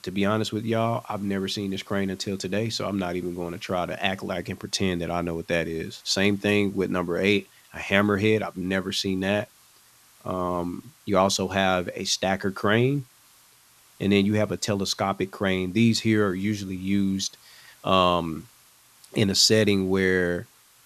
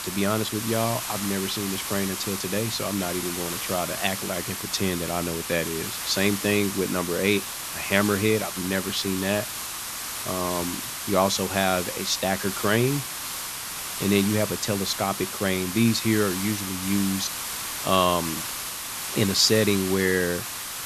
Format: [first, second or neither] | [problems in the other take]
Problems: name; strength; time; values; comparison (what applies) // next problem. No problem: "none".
first | hiss; loud; throughout; 4 dB below the speech; faint in the first